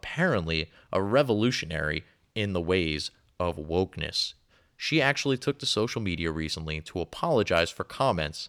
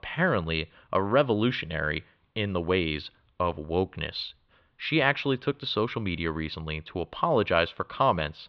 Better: first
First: none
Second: muffled; slightly; fading above 3.5 kHz

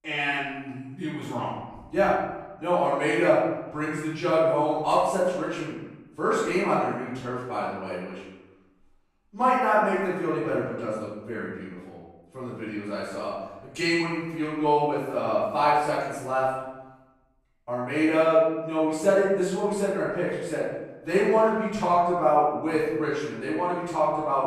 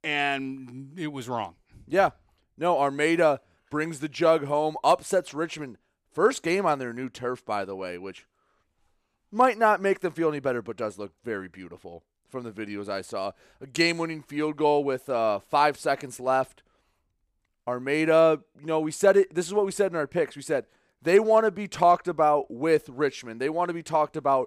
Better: second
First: off-mic speech; far // room echo; strong; dies away in 0.9 s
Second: none

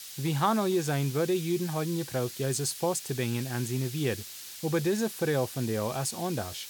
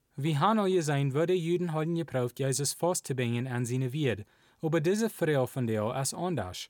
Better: second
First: hiss; noticeable; throughout; 10 dB below the speech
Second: none

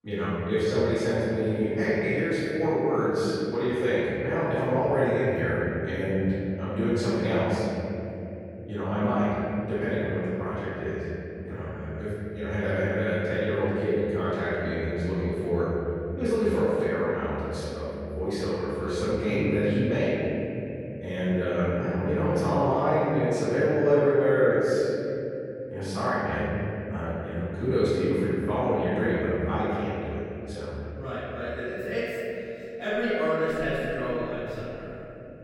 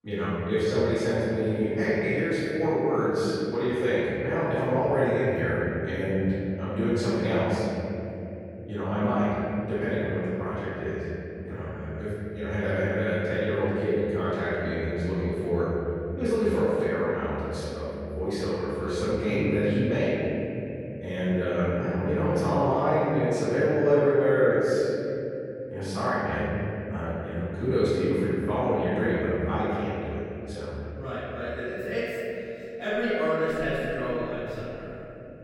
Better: neither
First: off-mic speech; far // room echo; strong; dies away in 3 s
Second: off-mic speech; far // room echo; strong; dies away in 3 s

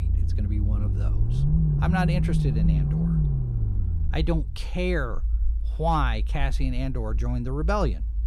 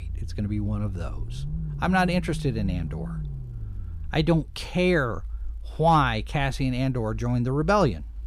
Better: second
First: low rumble; loud; throughout; 6 dB below the speech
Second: low rumble; faint; throughout; 20 dB below the speech

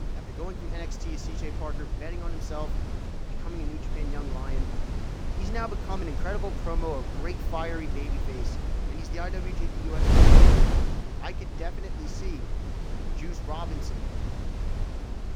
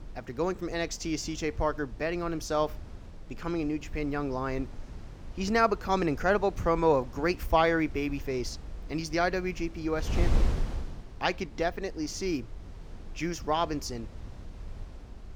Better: second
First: wind noise on the microphone; heavy; 1 dB above the speech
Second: wind noise on the microphone; occasional gusts; 20 dB below the speech

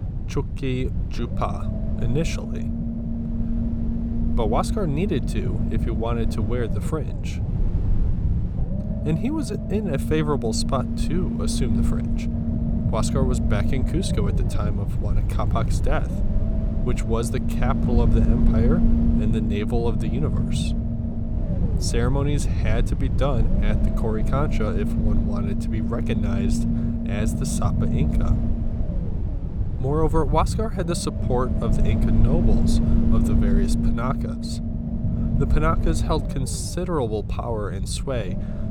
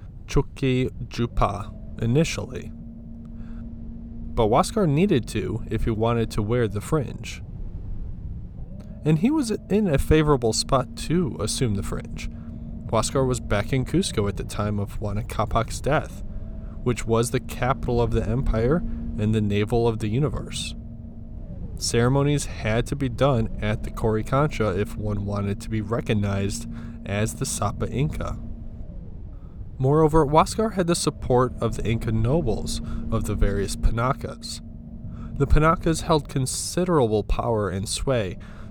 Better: second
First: low rumble; loud; throughout; 4 dB below the speech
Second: low rumble; faint; throughout; 20 dB below the speech

